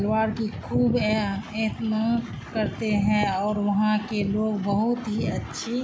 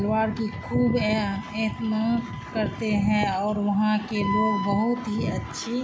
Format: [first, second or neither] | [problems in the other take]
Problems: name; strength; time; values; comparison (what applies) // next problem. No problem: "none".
first | background sound (Wind instrument, woodwind instrument); 12 dB below the speech